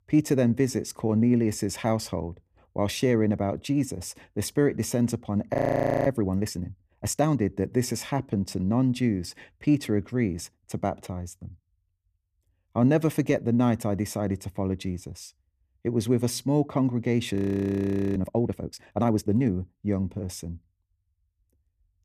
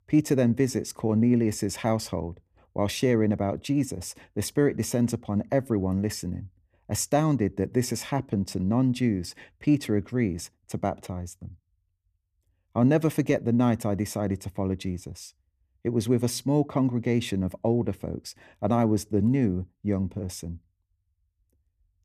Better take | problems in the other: second | audio freezing; at 5.5 s for 0.5 s and at 17 s for 1 s

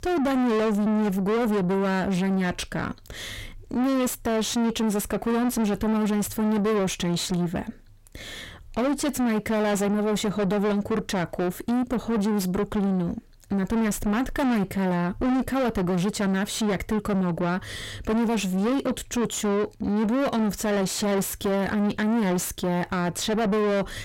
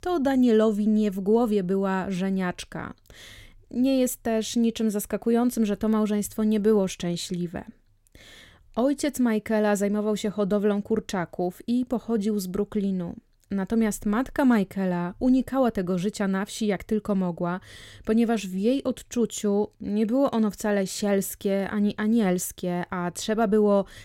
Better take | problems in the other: second | distortion; heavy; 7 dB below the speech

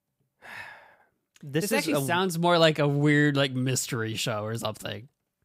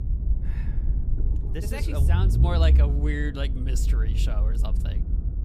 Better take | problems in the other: first | low rumble; loud; throughout; 7 dB below the speech

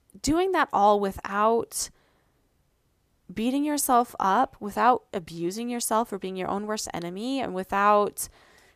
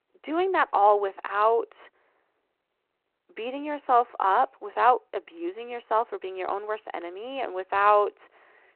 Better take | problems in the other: first | phone-call audio

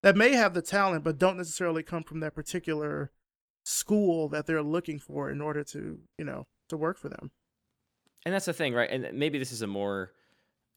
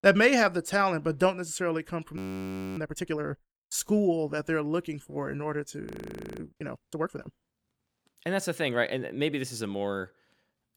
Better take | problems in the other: first | audio freezing; at 2 s for 0.5 s and at 6 s for 0.5 s

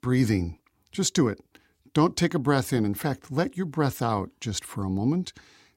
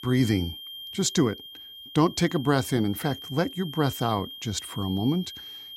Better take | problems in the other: first | high-pitched whine; noticeable; throughout; 3 kHz, 10 dB below the speech

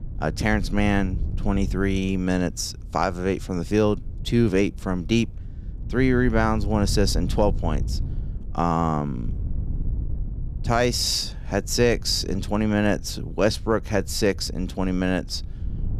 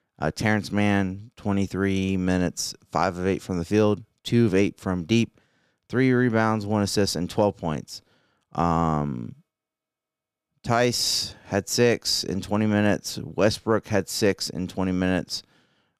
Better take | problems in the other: second | wind noise on the microphone; occasional gusts; 20 dB below the speech

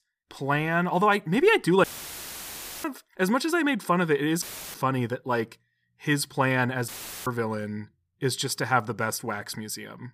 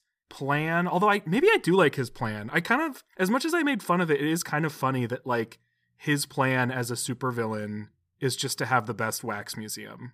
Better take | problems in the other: second | audio cutting out; filled with static; at 2 s for 1 s, at 4.5 s and at 7 s

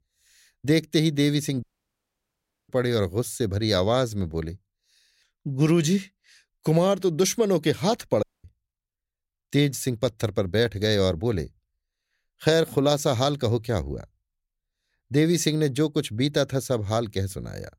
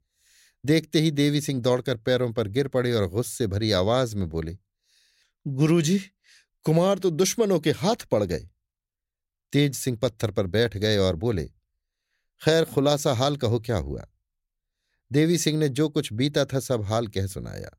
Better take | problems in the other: second | audio cutting out; at 1.5 s for 1 s and at 8 s

